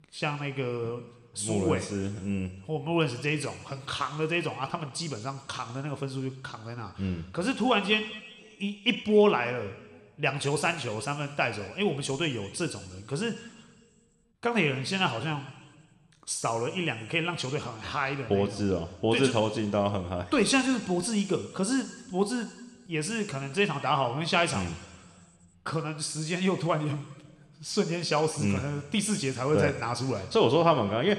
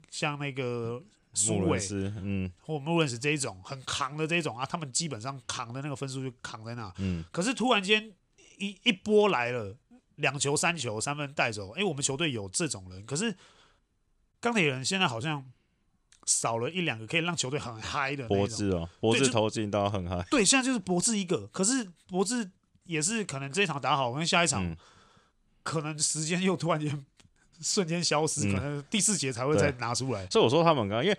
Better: second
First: room echo; very slight; dies away in 1.4 s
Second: none

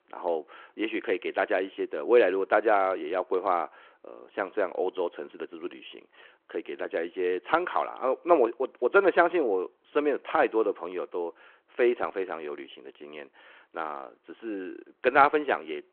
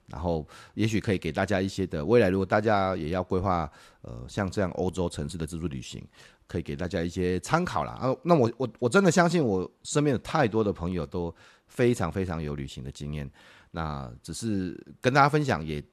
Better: second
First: phone-call audio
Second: none

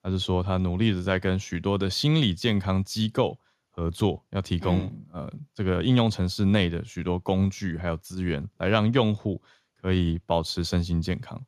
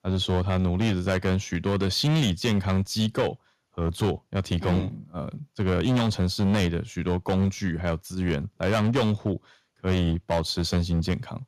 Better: first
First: none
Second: distortion; slight; 9% of the sound clipped

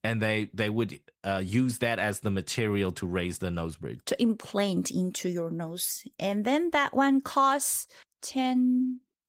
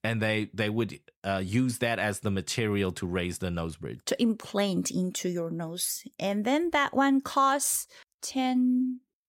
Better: second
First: garbled, watery; slightly; nothing above 16 kHz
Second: none

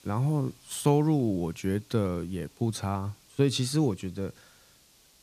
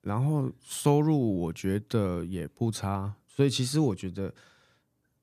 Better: second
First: hiss; faint; throughout; 30 dB below the speech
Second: none

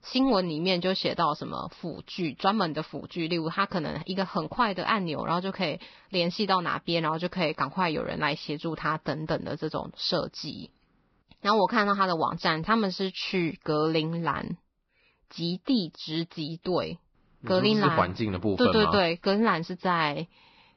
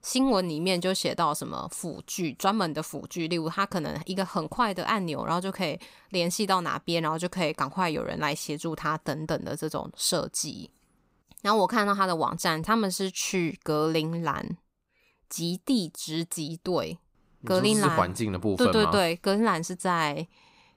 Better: second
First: garbled, watery; badly; nothing above 5 kHz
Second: none

